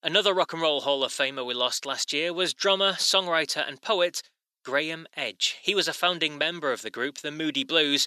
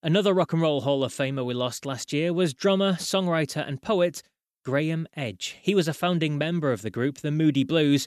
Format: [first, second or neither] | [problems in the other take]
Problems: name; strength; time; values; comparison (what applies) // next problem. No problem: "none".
second | thin; somewhat; fading below 450 Hz